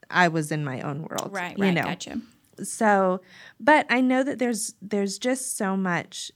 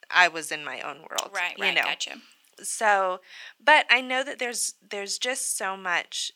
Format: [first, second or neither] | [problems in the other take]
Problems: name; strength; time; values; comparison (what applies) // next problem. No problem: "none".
first | thin; very; fading below 700 Hz